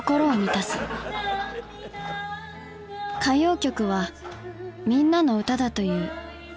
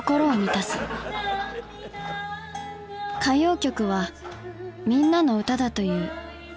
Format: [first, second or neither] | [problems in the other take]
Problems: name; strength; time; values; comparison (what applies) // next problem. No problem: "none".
first | background sound (Bell); 18 dB below the speech